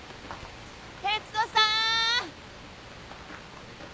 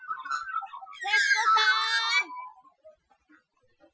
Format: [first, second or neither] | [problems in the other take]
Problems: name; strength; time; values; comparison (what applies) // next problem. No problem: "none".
first | noise reduction (classical method Wiener filter)